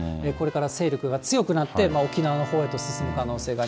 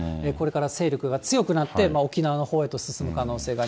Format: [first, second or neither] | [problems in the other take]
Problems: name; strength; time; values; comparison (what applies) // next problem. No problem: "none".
second | background sound (Keyboard (musical)); 13 dB below the speech